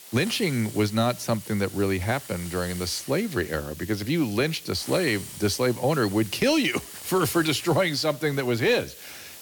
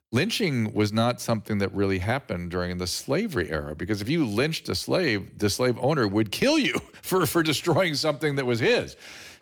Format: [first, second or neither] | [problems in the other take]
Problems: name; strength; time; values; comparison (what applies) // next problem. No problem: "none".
second | hiss; noticeable; throughout; 15 dB below the speech